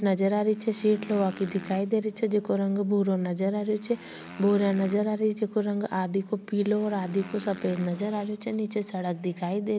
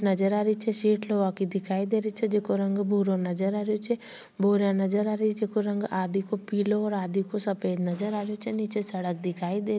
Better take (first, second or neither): second